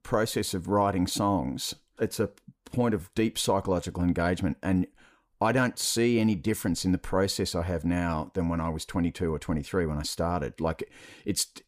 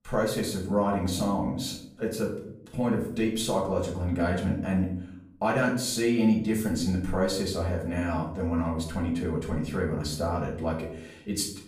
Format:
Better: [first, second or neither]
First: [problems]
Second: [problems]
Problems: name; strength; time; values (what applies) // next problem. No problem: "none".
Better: first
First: none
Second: off-mic speech; far // room echo; slight; dies away in 0.5 s